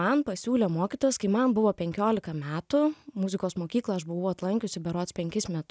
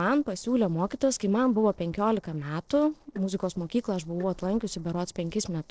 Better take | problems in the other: first | noise reduction (neural separator model SepFormer DNS4)

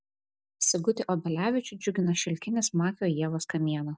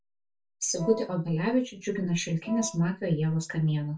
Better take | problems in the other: first | background sound (Wind instrument, woodwind instrument); 14 dB below the speech // room echo; dies away in 0.2 s

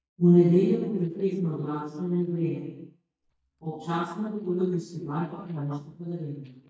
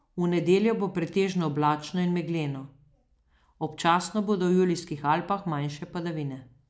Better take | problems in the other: second | noise reduction (neural mask model DeepFilterNet 3)

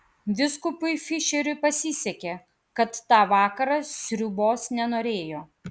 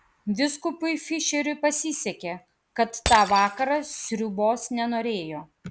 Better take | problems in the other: first | background sound (Shatter); 13 dB below the speech

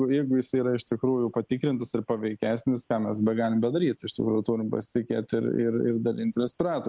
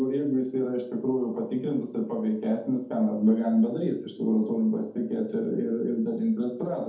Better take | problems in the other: first | room echo; dies away in 0.6 s

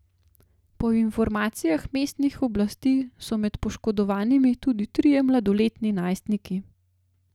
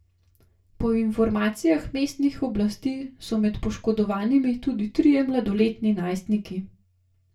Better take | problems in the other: first | room echo; dies away in 0.2 s

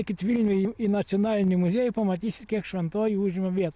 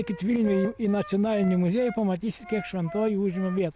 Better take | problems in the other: first | background sound (Wind instrument, woodwind instrument); 16 dB below the speech

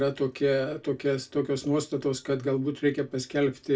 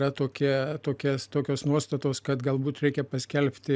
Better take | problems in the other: second | room echo; dies away in 0.2 s

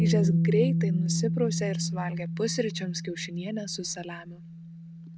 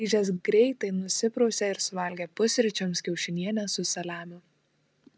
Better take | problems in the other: second | background sound (Bass guitar); 3 dB above the speech

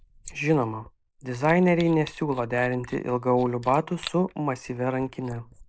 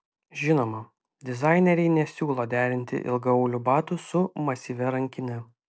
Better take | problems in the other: second | noise reduction (neural mask model Resemble Enhance denoiser)

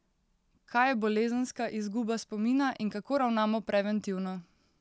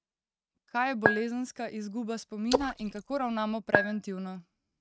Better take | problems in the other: first | noise reduction (neural mask model RNNoise)

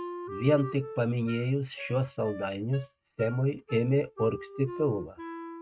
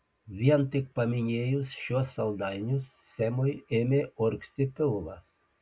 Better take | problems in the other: second | noise reduction (neural mask model RNNoise)

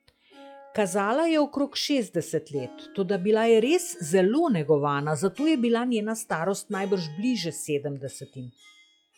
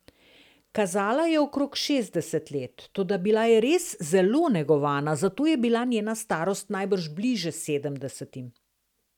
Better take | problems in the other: second | noise reduction (classical method log-MMSE)

